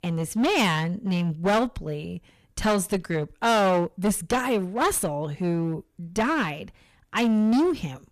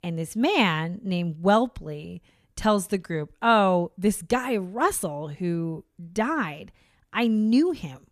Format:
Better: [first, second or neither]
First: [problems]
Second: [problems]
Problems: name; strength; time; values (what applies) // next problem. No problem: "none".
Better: second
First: distortion; heavy; 14% of the sound clipped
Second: none